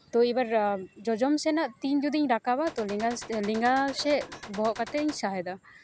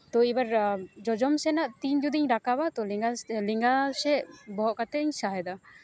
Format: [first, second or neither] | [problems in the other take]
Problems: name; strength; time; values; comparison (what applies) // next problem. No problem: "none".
second | background sound (Gunshot, gunfire); 16 dB below the speech